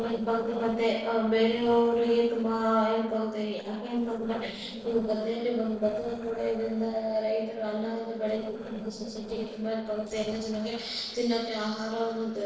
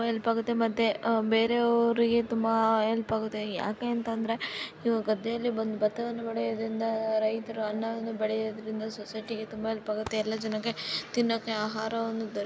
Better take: second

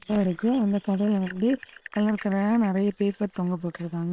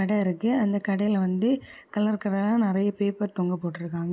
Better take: second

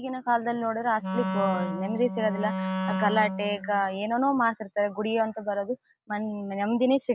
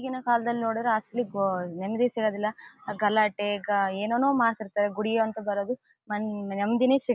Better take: second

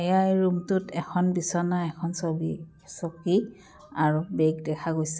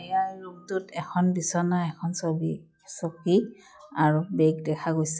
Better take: first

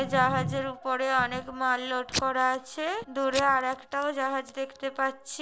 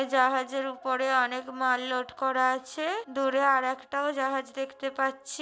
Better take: second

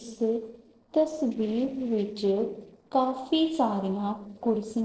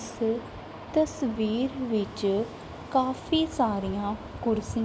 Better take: second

